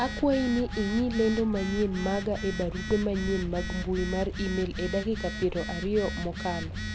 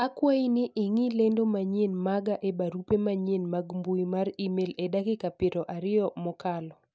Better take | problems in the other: second | background sound (Telephone + Traffic noise, roadway noise); 6 dB below the speech

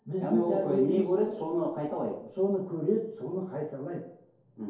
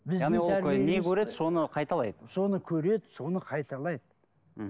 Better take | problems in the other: second | room echo; dies away in 2.4 s

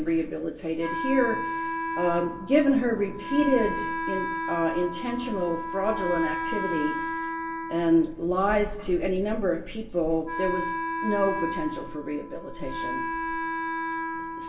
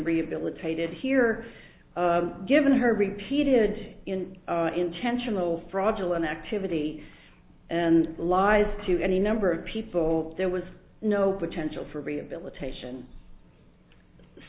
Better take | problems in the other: second | background sound (Wind instrument, woodwind instrument); 5 dB below the speech // room echo; dies away in 0.3 s

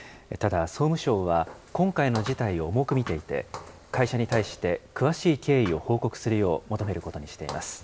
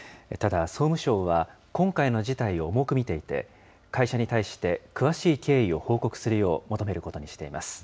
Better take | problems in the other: second | background sound (Thump, thud + Walk, footsteps); 16 dB below the speech

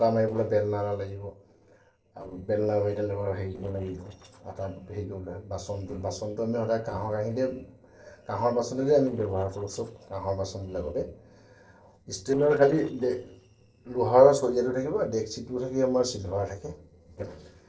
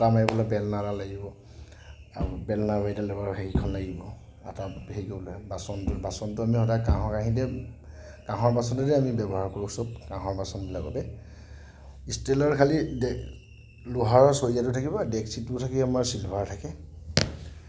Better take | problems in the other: second | noise reduction (neural separator model SepFormer DNS4)

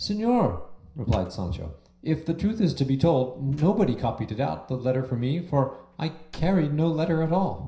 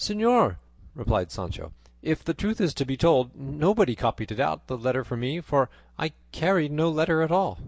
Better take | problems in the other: second | background sound (Slam); 18 dB below the speech // room echo; dies away in 0.5 s

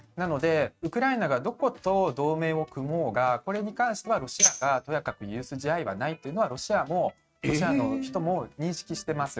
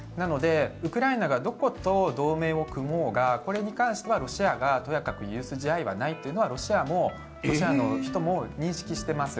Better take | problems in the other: second | noise reduction (neural mask model RNNoise)

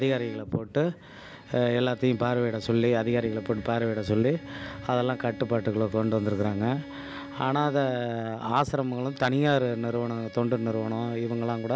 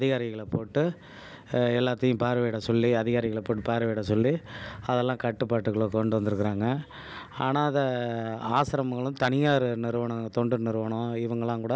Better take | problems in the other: second | background sound (Bowed string instrument); 17 dB below the speech

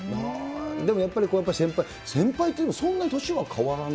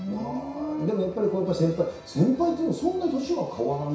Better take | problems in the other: first | room echo; dies away in 0.6 s

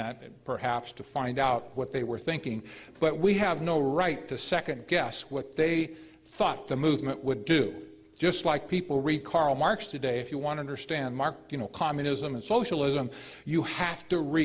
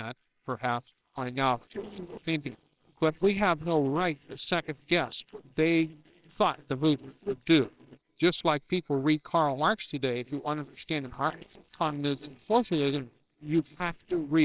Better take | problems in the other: first | noise reduction (neural separator model SepFormer WHAMR!)

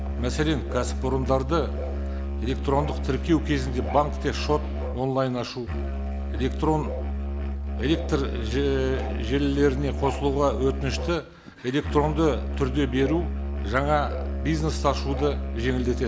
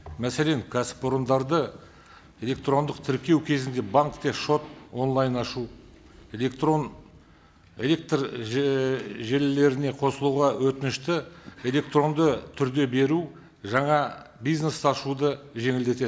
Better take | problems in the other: second | background sound (Musical instrument); 3 dB below the speech

